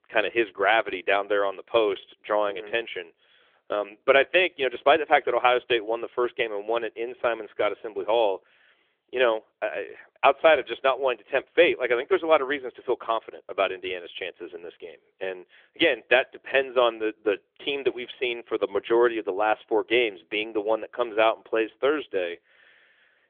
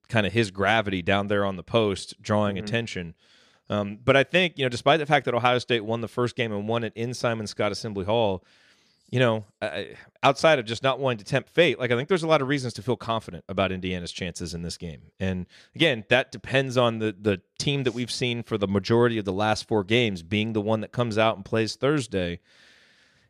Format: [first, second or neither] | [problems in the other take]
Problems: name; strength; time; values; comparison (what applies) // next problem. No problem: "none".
second | phone-call audio; nothing above 3.5 kHz